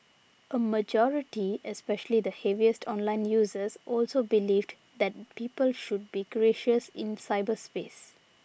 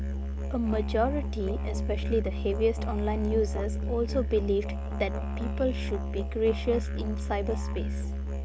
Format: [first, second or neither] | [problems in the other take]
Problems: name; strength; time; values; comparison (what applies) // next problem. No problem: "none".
first | background sound (Musical instrument); as loud as the speech